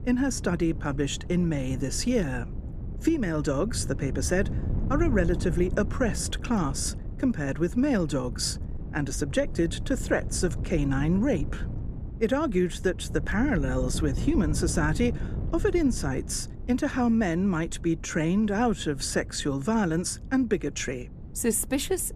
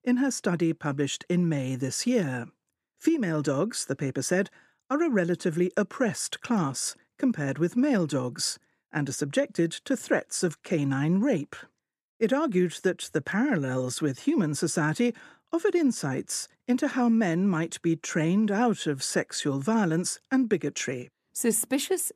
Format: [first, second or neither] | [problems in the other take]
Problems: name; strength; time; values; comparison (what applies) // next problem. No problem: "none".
second | wind noise on the microphone; occasional gusts; 15 dB below the speech